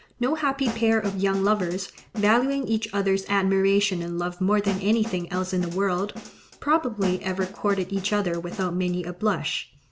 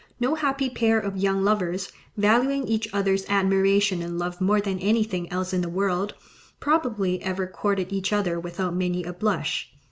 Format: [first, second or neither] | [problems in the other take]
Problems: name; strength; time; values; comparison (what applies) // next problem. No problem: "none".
second | background sound (Snare drum); 13 dB below the speech